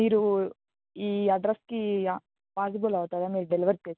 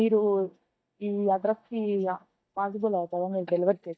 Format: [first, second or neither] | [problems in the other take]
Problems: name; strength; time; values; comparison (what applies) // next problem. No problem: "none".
first | noise reduction (neural mask model DeepFilterNet 3)